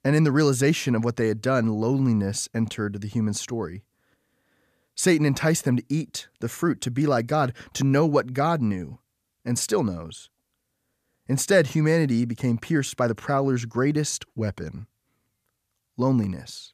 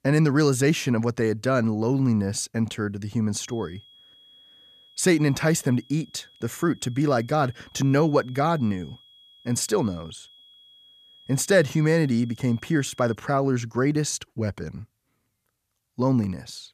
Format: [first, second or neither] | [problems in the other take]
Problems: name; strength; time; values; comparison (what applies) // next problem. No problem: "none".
first | high-pitched whine; faint; from 3.5 to 13 s; 3.5 kHz, 25 dB below the speech